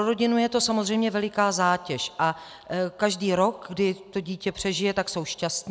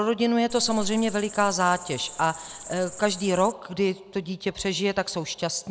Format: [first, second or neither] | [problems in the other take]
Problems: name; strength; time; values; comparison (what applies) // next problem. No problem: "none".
first | background sound (Cricket); 12 dB below the speech